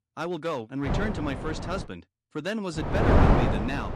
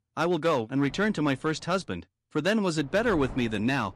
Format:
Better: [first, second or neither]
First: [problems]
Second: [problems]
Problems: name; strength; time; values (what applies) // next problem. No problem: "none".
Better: second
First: wind noise on the microphone; heavy; at 1 s and from 3 s on; 4 dB above the speech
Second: wind noise on the microphone; occasional gusts; at 1 s and from 3 s on; 20 dB below the speech